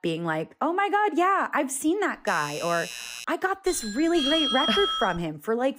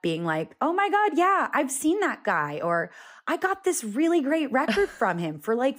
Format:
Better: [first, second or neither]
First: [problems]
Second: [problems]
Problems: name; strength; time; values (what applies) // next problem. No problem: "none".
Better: second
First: doorbell; noticeable; from 2 to 3.5 s; peak 9 dB below the speech // doorbell; loud; from 3.5 to 5 s; peak 2 dB above the speech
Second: none